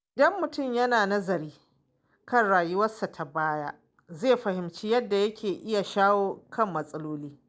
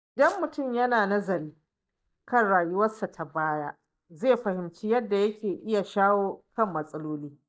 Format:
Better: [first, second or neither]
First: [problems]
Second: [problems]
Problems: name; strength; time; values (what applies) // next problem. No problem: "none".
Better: first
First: none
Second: noise reduction (neural mask model DeepFilterNet 3)